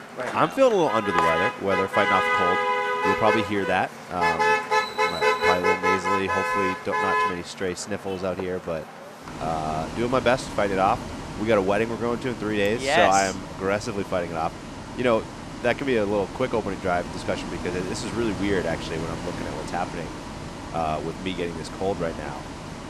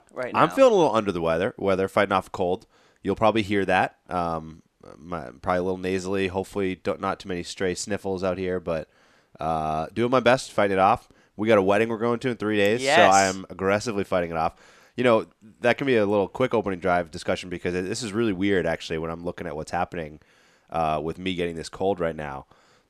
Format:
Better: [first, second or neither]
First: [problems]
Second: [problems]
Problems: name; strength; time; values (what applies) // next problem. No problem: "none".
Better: second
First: traffic noise; loud; throughout; 2 dB below the speech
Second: none